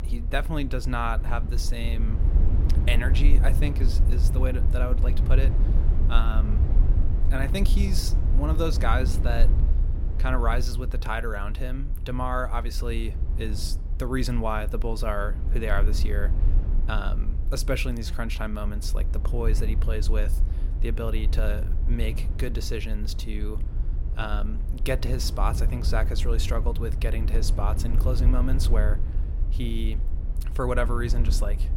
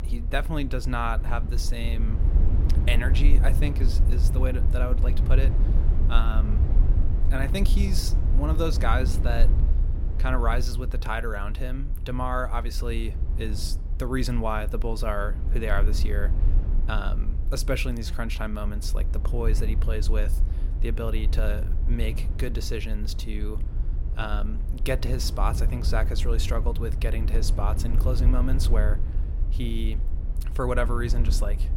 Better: neither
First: low rumble; noticeable; throughout; 10 dB below the speech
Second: low rumble; noticeable; throughout; 10 dB below the speech

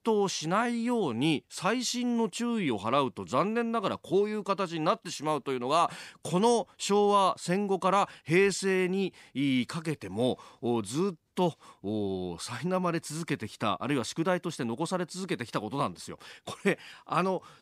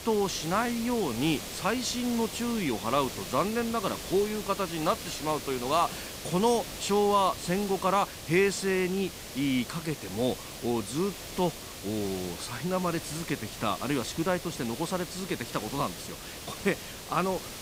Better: first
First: none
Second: hiss; loud; throughout; 9 dB below the speech

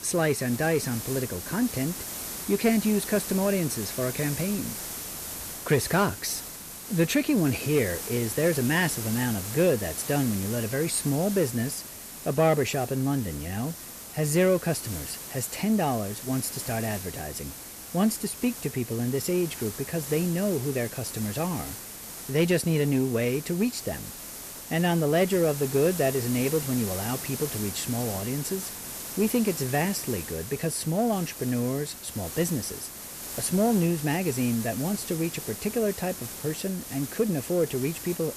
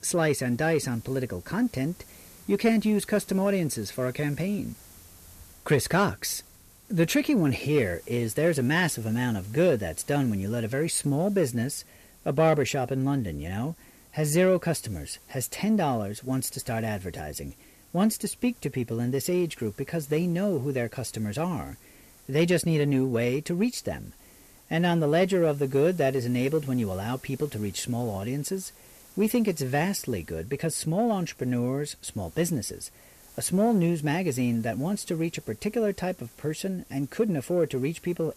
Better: second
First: hiss; loud; throughout; 8 dB below the speech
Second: hiss; faint; throughout; 25 dB below the speech

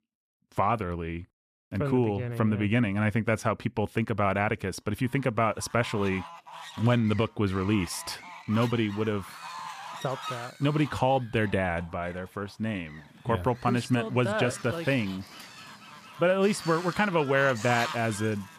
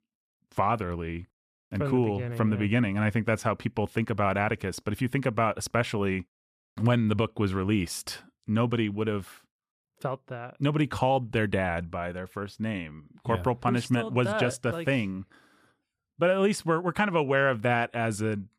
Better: second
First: animal sounds; noticeable; from 5.5 s on; 15 dB below the speech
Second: none

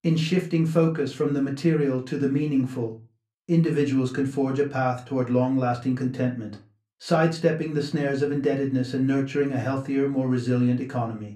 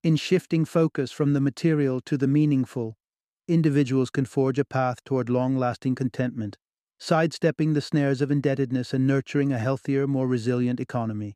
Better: second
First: off-mic speech; somewhat distant // room echo; very slight; dies away in 0.3 s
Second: none

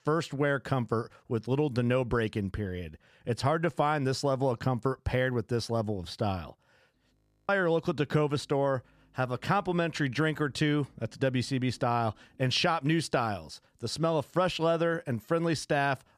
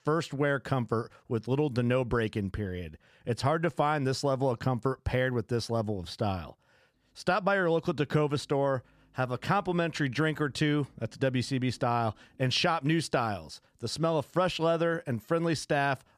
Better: second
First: audio freezing; at 7 s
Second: none

